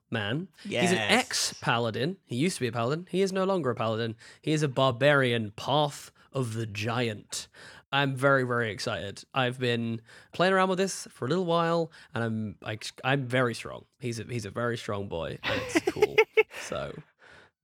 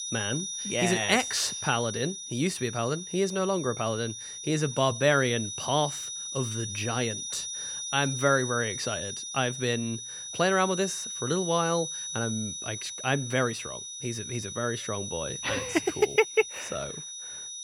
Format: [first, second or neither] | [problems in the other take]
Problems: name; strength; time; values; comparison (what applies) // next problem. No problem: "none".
first | high-pitched whine; loud; throughout; 6 kHz, 6 dB below the speech